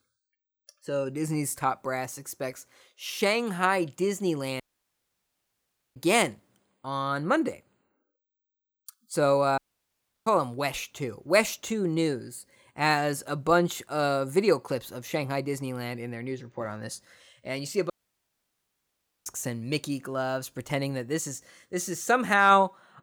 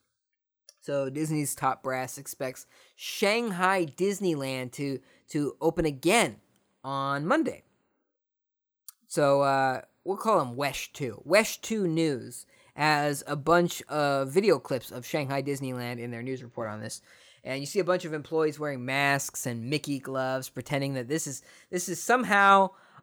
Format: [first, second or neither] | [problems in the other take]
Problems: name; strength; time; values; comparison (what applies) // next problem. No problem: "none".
second | audio cutting out; at 4.5 s for 1.5 s, at 9.5 s for 0.5 s and at 18 s for 1.5 s